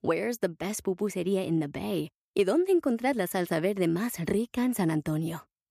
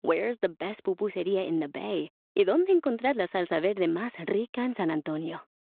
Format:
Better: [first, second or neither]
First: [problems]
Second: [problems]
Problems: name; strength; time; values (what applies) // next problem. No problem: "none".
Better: first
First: none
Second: phone-call audio